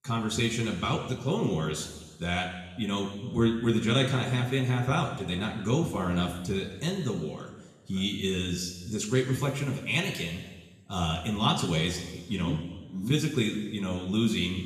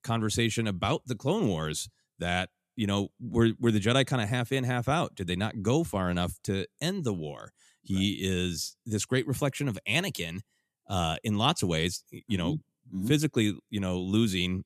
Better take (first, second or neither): second